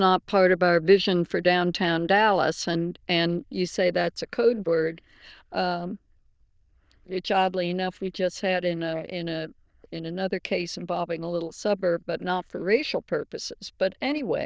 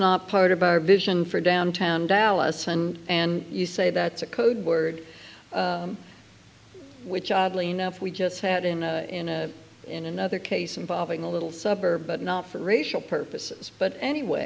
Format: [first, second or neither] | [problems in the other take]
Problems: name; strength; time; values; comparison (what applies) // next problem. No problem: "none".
second | noise reduction (neural diffusion model UNIVERSE++)